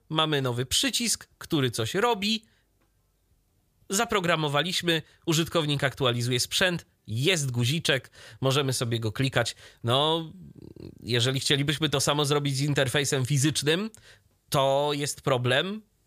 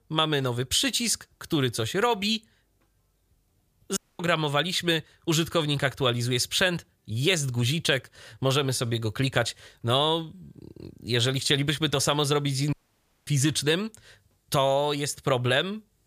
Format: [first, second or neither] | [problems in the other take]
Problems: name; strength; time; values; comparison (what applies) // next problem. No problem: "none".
first | audio cutting out; at 4 s and at 13 s for 0.5 s